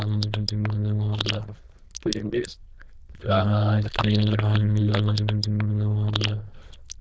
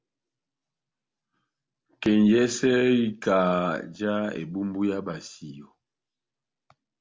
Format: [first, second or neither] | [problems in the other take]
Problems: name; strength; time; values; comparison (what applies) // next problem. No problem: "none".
second | noise reduction (neural diffusion model UNIVERSE++)